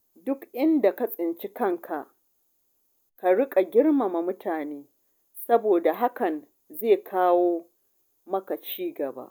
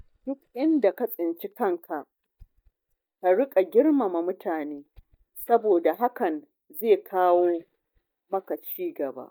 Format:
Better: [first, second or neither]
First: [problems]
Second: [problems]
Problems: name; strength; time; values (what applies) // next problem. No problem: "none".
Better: first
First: none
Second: noise reduction (neural mask model DeepFilterNet 3)